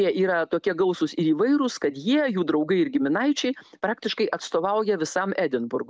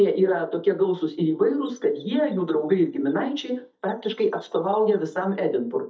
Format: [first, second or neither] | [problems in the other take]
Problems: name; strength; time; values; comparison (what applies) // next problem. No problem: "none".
first | noise reduction (neural mask model DeepFilterNet 3)